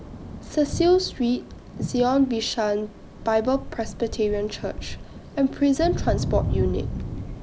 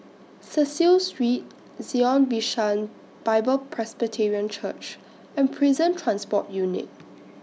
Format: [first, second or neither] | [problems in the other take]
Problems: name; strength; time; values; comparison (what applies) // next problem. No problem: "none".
second | background sound (Thunder); 7 dB below the speech